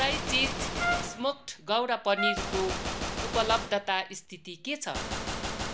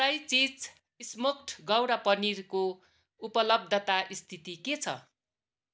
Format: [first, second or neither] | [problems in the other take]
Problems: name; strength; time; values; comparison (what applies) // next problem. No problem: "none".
second | background sound (Trumpet + Gunshot, gunfire); 2 dB below the speech